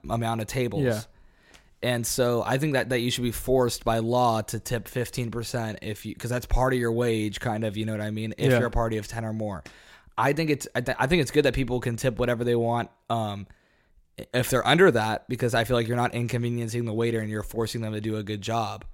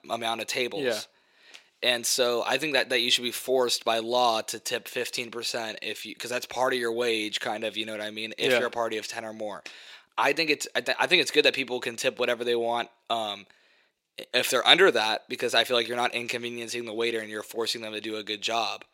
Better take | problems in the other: first | thin; somewhat; fading below 400 Hz

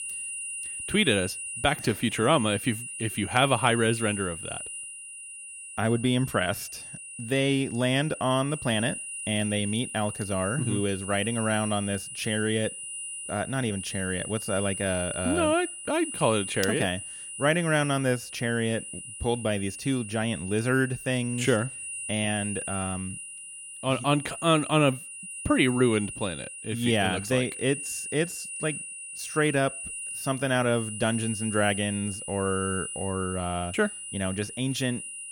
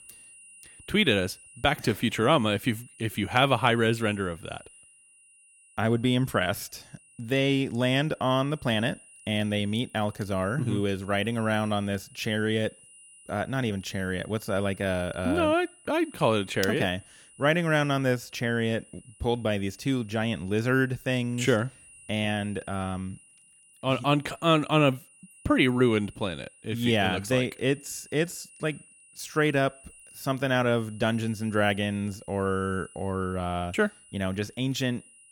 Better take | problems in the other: second | high-pitched whine; loud; throughout; 9.5 kHz, 8 dB below the speech; faint in the second

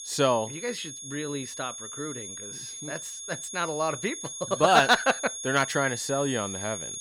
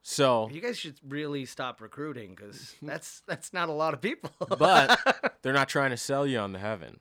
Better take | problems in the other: second | high-pitched whine; loud; throughout; 6.5 kHz, 8 dB below the speech

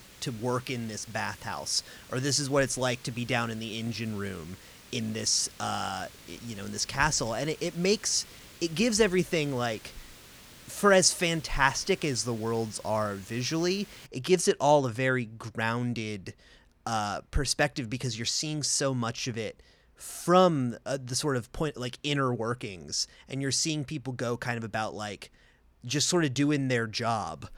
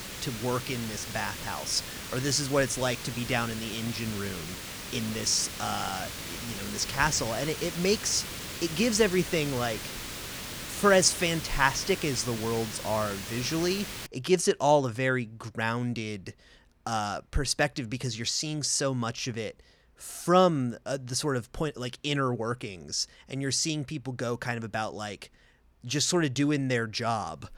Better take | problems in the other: first | hiss; loud; until 14 s; 8 dB below the speech; faint in the first

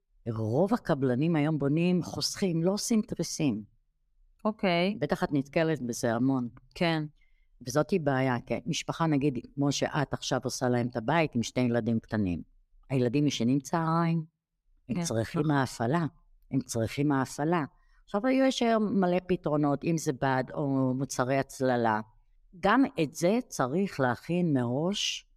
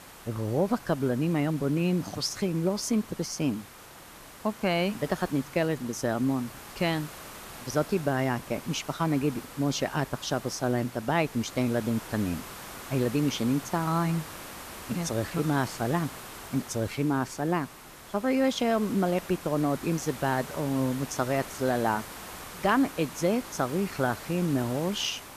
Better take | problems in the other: first | hiss; noticeable; throughout; 15 dB below the speech

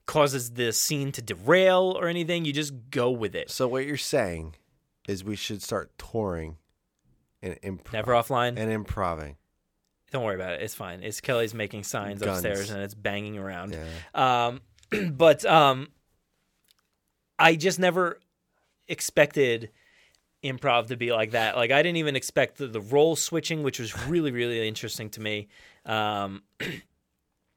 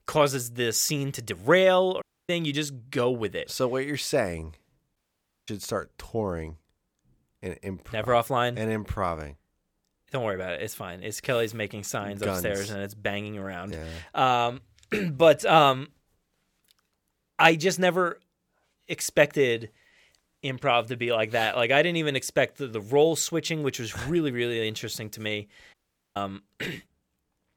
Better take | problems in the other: first | audio cutting out; at 2 s, at 5 s for 0.5 s and at 26 s

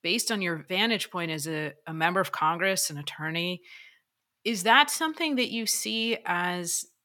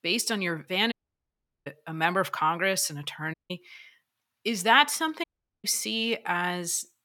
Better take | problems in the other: first | audio cutting out; at 1 s for 0.5 s, at 3.5 s and at 5 s

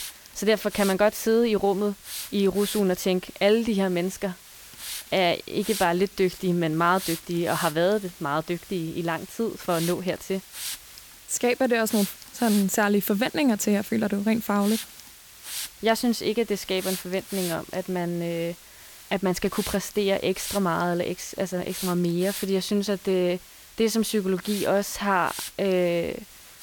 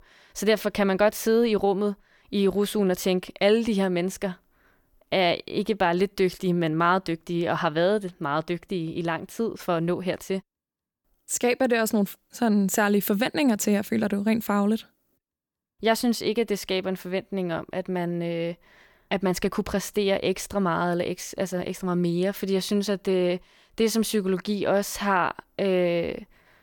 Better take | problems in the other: second | hiss; noticeable; throughout; 10 dB below the speech

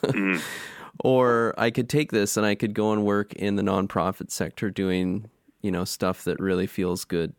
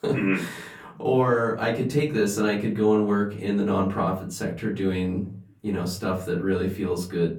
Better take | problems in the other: first | off-mic speech; far // room echo; slight; dies away in 0.4 s

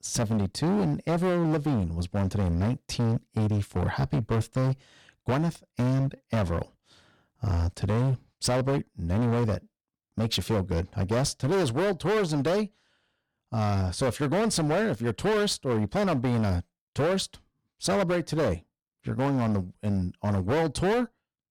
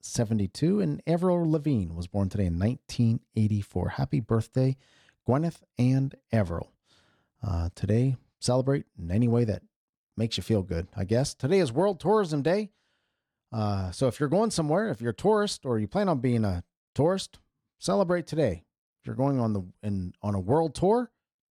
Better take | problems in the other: second | distortion; heavy; 20% of the sound clipped

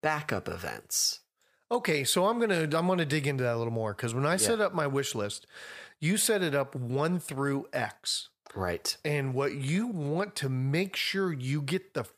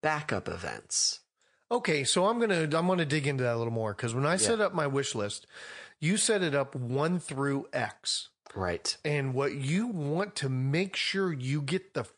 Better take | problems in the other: first | garbled, watery; slightly; nothing above 9 kHz

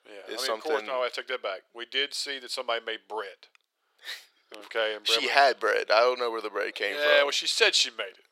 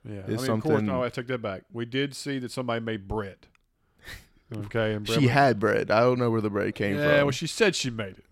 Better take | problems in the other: second | thin; very; fading below 450 Hz

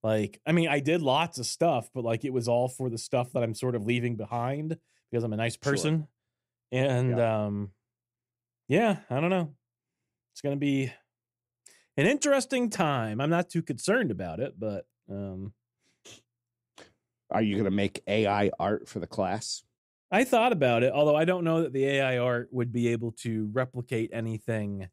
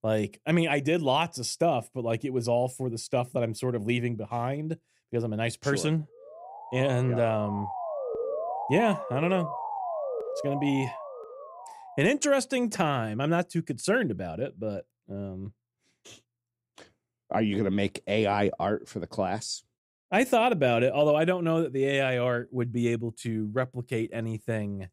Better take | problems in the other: first | siren; noticeable; from 6.5 to 12 s; peak 4 dB below the speech

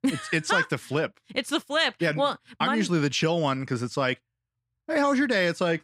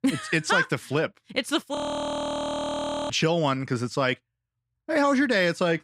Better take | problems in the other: first | audio freezing; at 2 s for 1.5 s

